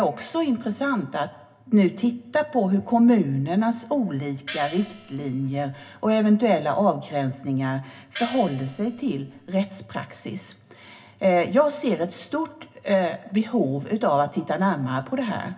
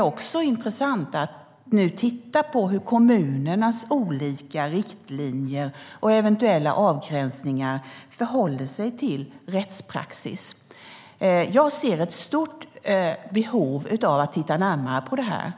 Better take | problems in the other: second | background sound (Gong); 16 dB below the speech // room echo; dies away in 0.4 s

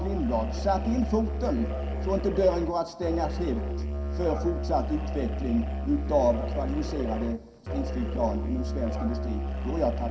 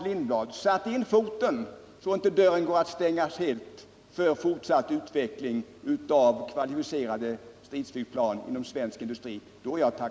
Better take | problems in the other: second | background sound (Musical instrument); 2 dB below the speech // room echo; dies away in 0.3 s

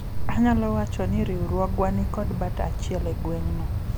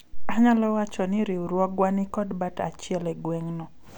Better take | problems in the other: second | background sound (Wind); as loud as the speech

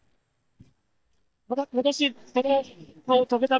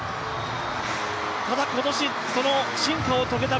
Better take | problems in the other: second | noise reduction (neural mask model DeepFilterNet 3)

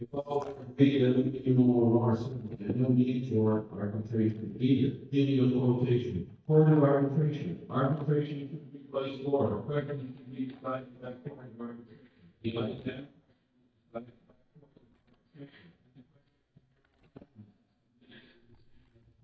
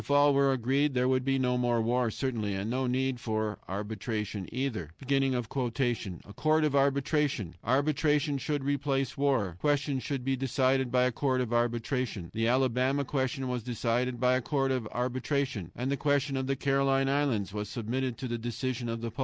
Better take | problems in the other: second | noise reduction (neural mask model DeepFilterNet 3)

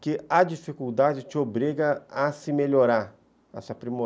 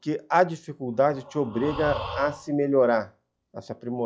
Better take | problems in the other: first | noise reduction (classical method log-MMSE)

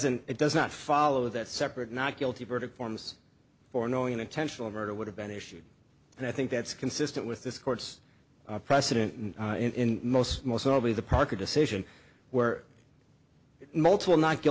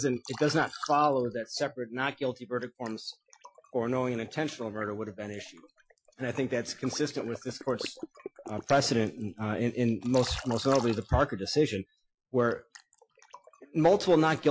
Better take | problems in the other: first | noise reduction (classical method Wiener filter)

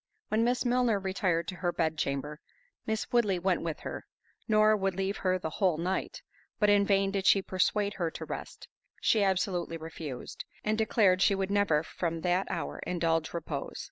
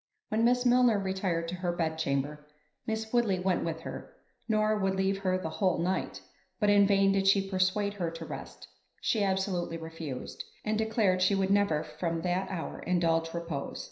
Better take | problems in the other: first | room echo; dies away in 0.5 s

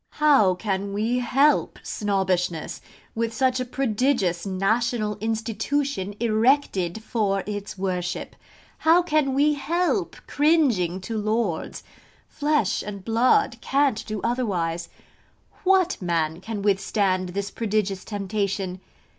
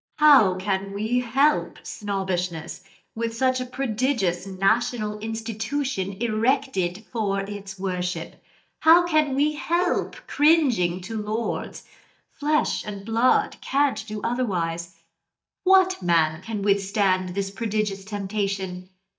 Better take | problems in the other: first | noise reduction (neural mask model DeepFilterNet 3)

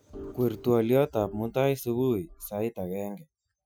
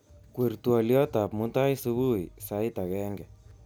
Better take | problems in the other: second | noise reduction (classical method Wiener filter)

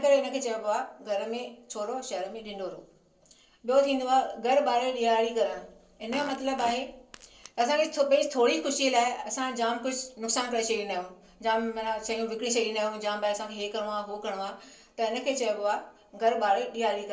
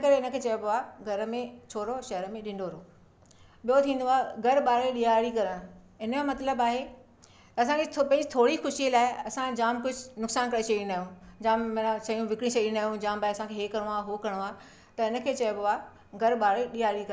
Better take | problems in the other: second | noise reduction (neural separator model SepFormer DNS4)

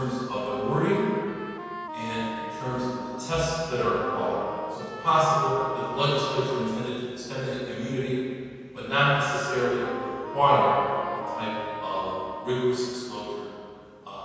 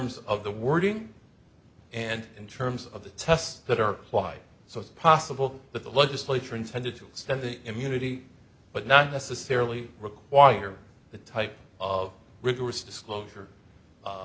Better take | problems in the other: second | background sound (Wind instrument, woodwind instrument); 10 dB below the speech // room echo; dies away in 2.1 s

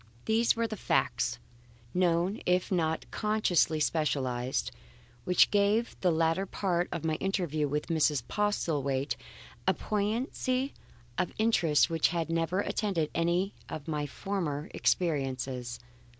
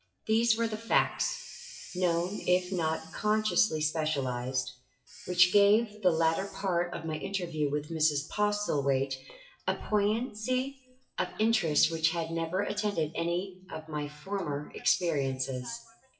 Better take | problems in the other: first | noise reduction (classical method WPE with log-MMSE)

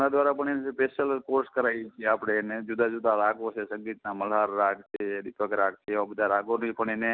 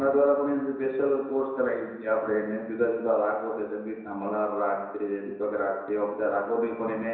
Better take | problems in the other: first | room echo; dies away in 1 s

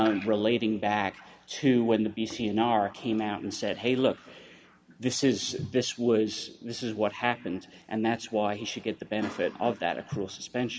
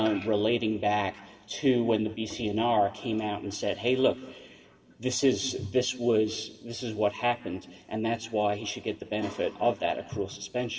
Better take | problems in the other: first | room echo; dies away in 1.8 s

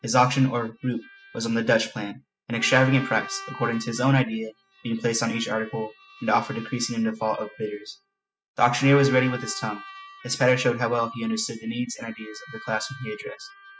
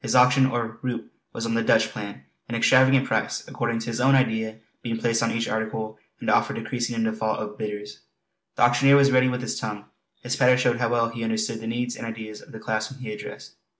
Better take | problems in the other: second | noise reduction (classical method spectral subtraction)

